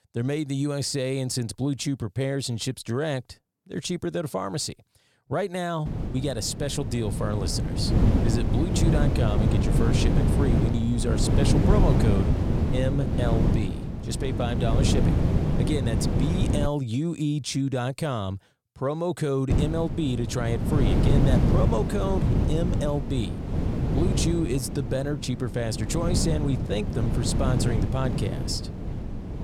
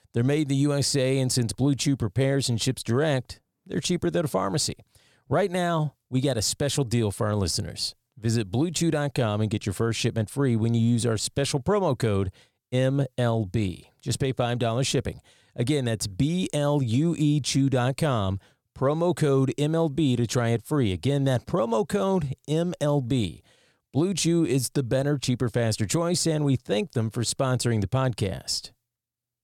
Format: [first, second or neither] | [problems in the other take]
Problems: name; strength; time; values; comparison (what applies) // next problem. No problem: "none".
second | wind noise on the microphone; heavy; from 6 to 17 s and from 20 s on; 2 dB below the speech